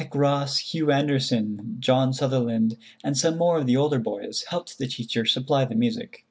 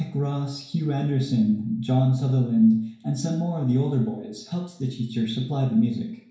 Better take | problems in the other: first | room echo; dies away in 0.6 s

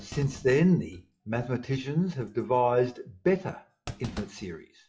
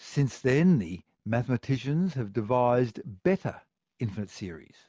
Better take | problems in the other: second | noise reduction (classical method WPE with log-MMSE)

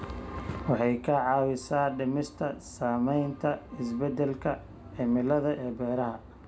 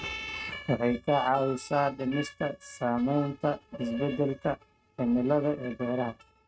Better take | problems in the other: first | noise reduction (neural mask model RNNoise)

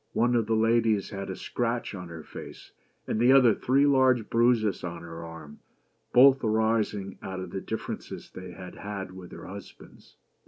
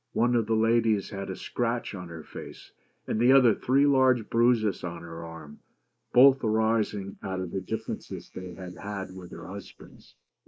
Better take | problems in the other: first | noise reduction (neural mask model Resemble Enhance denoiser)

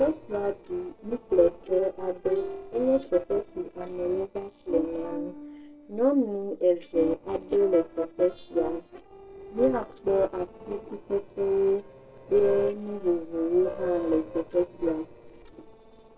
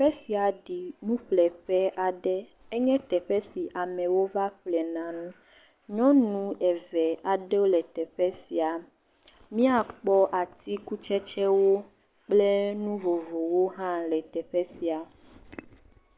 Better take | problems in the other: second | noise reduction (neural separator model SepFormer DNS4)

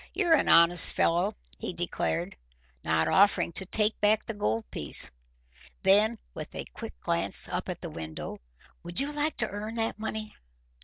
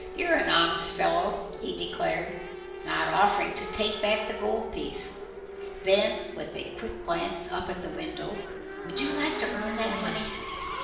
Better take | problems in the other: first | background sound (Race car, auto racing / Accelerating, revving, vroom); 7 dB below the speech // room echo; dies away in 0.9 s

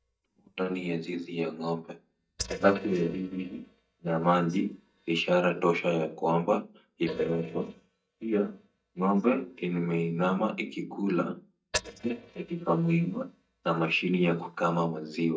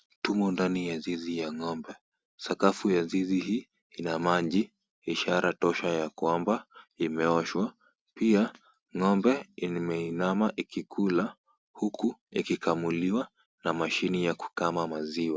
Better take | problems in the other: second | noise reduction (neural mask model DeepFilterNet 3)

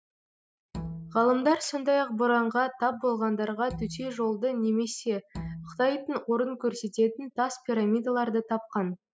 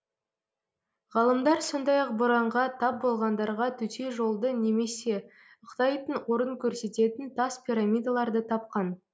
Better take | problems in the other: second | noise reduction (classical method spectral subtraction)

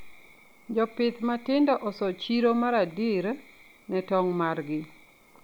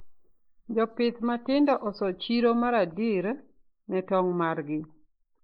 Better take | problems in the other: first | noise reduction (neural mask model Resemble Enhance denoiser)

